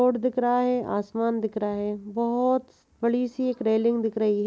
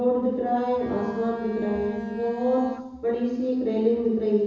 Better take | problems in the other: first | background sound (Bowed string instrument); 12 dB below the speech // room echo; dies away in 1.1 s

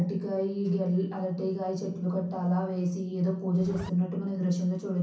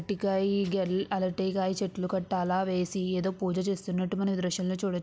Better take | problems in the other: second | background sound (Zipper (clothing)); 11 dB below the speech // room echo; dies away in 0.6 s

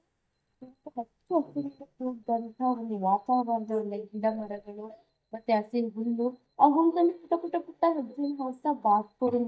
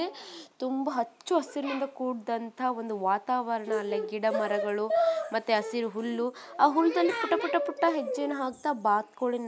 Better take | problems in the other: second | noise reduction (neural mask model DeepFilterNet 3)

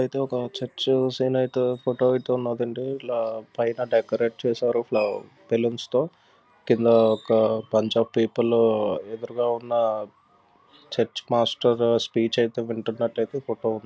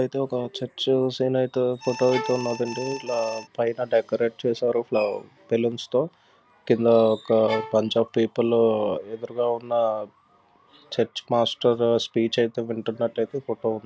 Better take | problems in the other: first | background sound (Bowed string instrument + Alarm); 11 dB below the speech

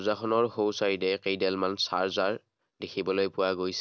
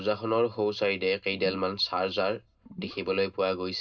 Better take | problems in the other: first | background sound (Gurgling / Liquid); 18 dB below the speech // room echo; dies away in 0.2 s

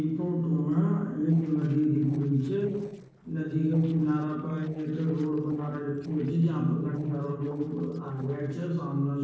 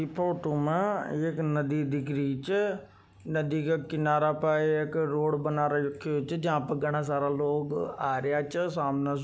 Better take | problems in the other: second | noise reduction (neural separator model SepFormer DNS4)

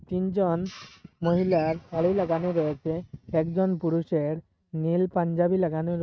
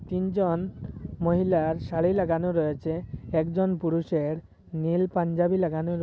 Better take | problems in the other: second | noise reduction (neural mask model RNNoise)

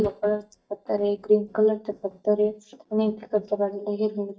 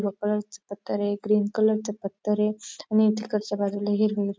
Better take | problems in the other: second | noise reduction (neural mask model DeepFilterNet 3)

